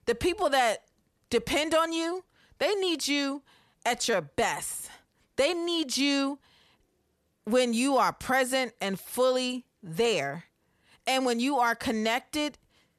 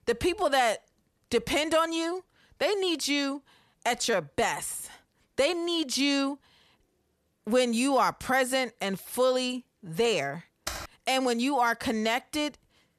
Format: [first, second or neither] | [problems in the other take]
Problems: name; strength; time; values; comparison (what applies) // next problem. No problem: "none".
first | keyboard typing; noticeable; at 11 s; peak 9 dB below the speech